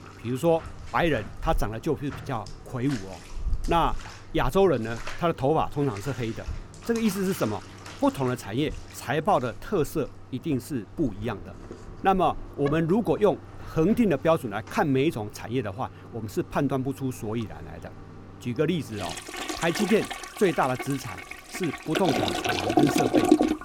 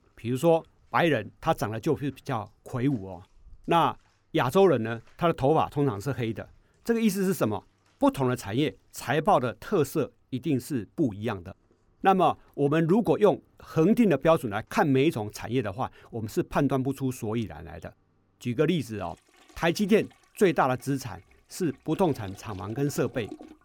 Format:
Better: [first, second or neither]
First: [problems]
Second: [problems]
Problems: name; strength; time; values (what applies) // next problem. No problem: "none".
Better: second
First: household noises; loud; throughout; 5 dB below the speech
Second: household noises; faint; throughout; 30 dB below the speech